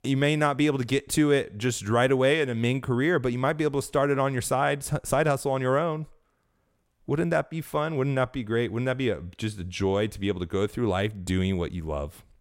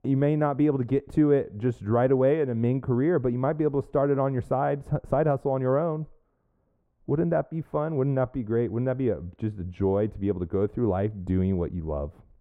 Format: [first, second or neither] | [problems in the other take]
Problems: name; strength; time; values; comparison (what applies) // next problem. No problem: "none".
first | muffled; very; fading above 2 kHz